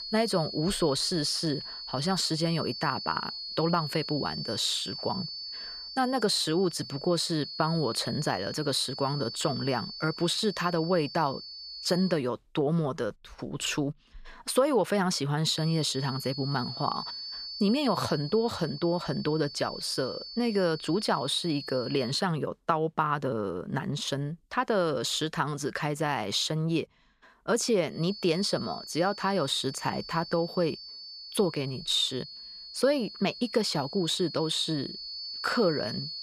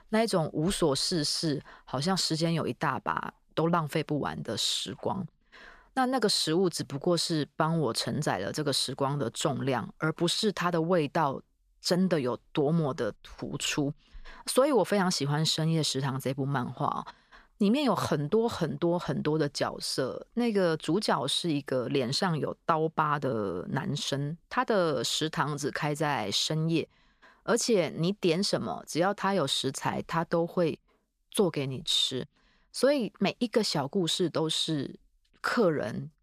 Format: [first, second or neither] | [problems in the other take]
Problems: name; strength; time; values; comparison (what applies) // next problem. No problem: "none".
second | high-pitched whine; loud; until 12 s, from 16 to 22 s and from 28 s on; 4.5 kHz, 9 dB below the speech